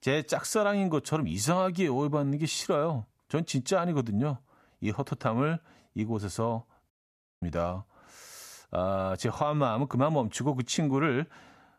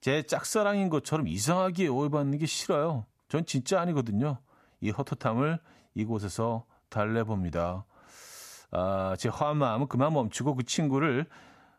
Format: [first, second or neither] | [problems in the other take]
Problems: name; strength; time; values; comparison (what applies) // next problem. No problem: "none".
second | audio cutting out; at 7 s for 0.5 s